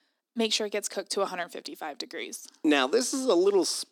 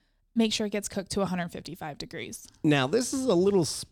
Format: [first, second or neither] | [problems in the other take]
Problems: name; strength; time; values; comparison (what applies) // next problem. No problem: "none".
second | thin; very slightly; fading below 250 Hz